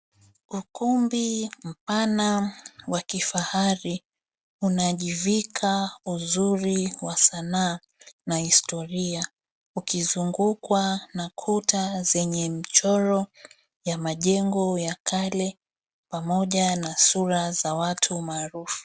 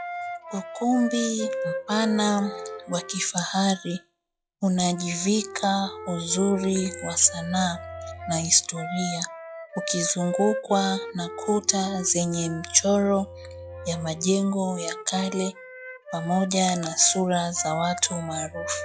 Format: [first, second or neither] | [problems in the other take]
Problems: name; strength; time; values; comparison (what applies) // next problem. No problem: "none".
first | noise reduction (classical method log-MMSE)